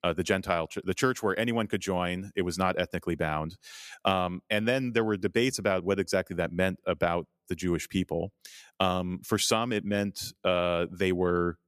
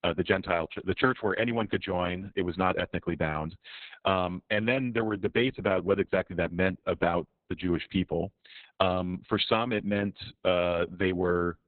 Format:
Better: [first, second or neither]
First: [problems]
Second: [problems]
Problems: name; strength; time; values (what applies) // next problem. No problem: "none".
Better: first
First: none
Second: garbled, watery; badly; nothing above 4 kHz